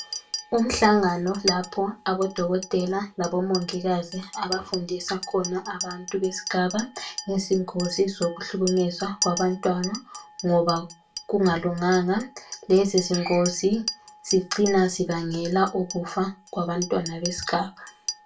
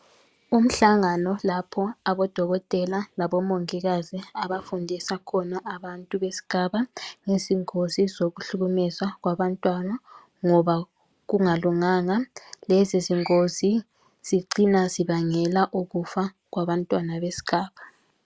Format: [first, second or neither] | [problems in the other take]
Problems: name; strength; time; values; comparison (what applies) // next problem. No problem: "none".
second | background sound (Chink, clink); 12 dB below the speech // room echo; dies away in 0.2 s